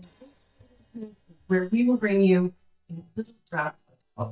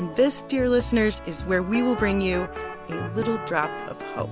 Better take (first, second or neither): second